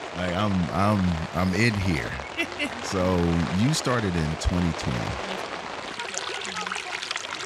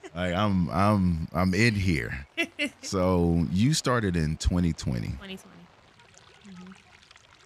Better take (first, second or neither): second